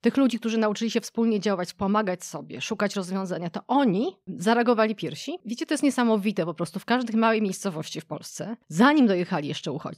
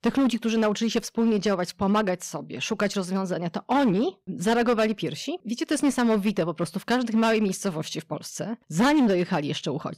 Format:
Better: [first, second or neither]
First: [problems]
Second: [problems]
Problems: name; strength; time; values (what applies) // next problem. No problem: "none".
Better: first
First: none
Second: distortion; slight; 7% of the sound clipped